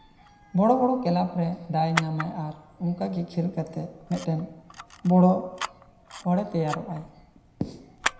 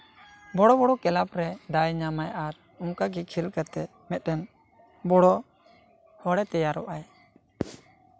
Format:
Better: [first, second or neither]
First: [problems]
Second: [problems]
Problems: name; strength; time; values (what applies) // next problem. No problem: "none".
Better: second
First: background sound (Camera); 13 dB below the speech // room echo; dies away in 0.9 s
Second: none